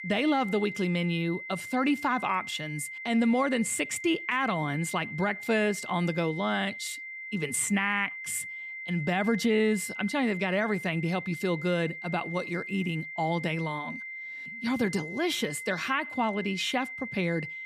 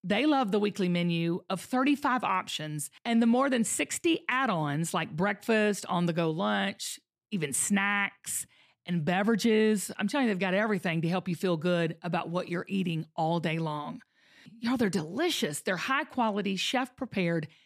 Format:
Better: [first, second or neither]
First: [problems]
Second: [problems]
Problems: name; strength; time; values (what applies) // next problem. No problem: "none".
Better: second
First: high-pitched whine; loud; throughout; 2 kHz, 8 dB below the speech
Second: none